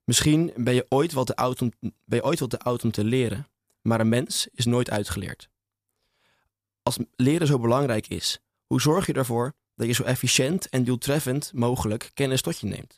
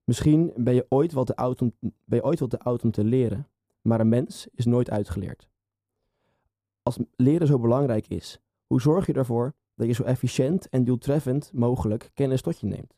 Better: first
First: none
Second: muffled; slightly; fading above 1 kHz

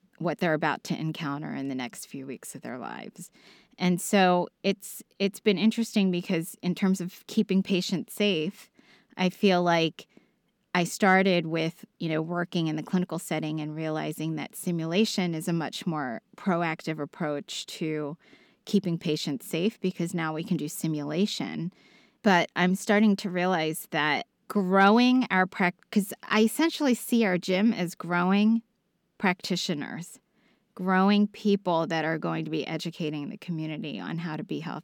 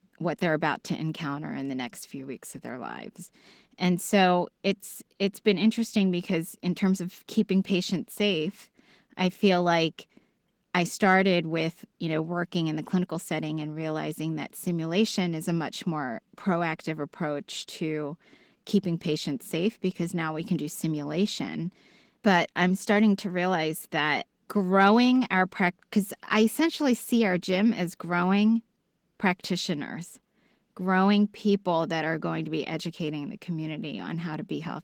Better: first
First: none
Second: garbled, watery; slightly; nothing above 18.5 kHz

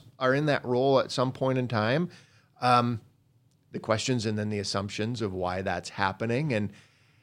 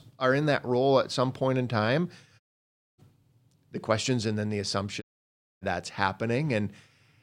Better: first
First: none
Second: audio cutting out; at 2.5 s for 0.5 s and at 5 s for 0.5 s

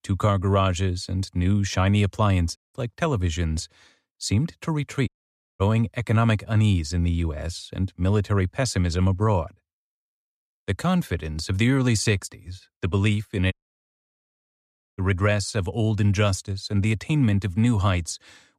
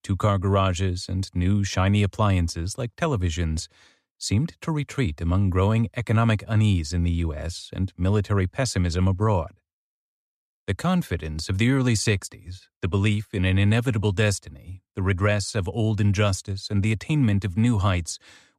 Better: second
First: audio cutting out; at 2.5 s, at 5 s for 0.5 s and at 14 s for 1.5 s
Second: none

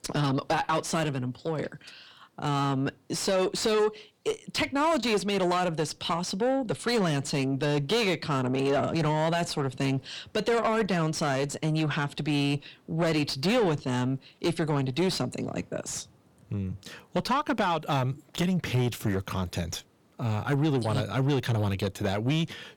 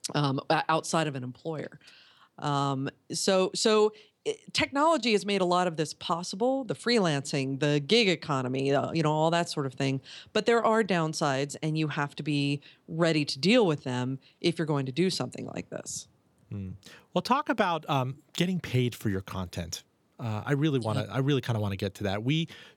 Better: second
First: distortion; heavy; 7 dB below the speech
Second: none

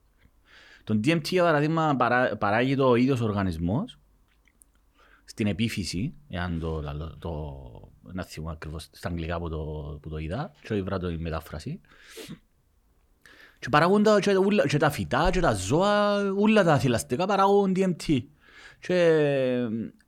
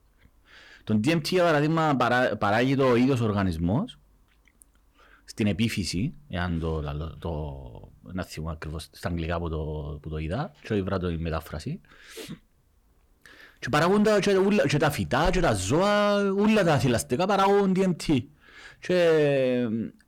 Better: first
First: none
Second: distortion; slight; 6% of the sound clipped

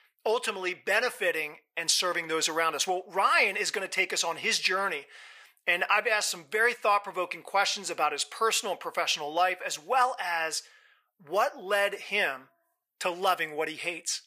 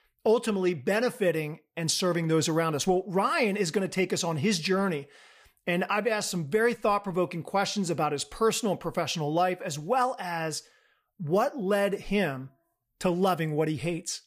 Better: second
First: thin; very; fading below 650 Hz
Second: none

